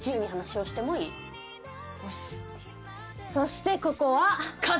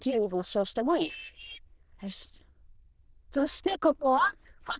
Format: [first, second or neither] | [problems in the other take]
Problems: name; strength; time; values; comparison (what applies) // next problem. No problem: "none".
first | noise reduction (neural diffusion model UNIVERSE++)